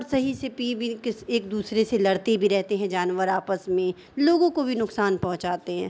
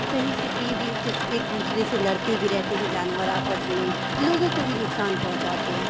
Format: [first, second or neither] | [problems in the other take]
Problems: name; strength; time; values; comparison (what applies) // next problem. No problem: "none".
first | background sound (Rain); as loud as the speech